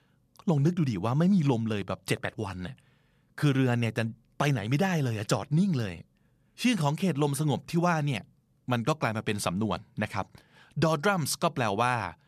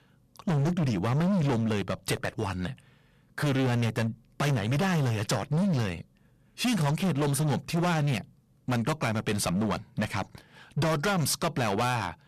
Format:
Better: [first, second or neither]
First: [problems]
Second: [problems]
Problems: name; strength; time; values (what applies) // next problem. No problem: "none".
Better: first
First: none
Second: distortion; heavy; 21% of the sound clipped